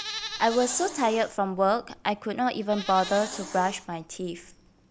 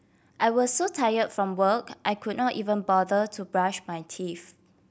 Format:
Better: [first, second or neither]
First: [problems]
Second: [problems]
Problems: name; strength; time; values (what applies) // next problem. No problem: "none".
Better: second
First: background sound (Hiss + Livestock, farm animals, working animals); 13 dB below the speech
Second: none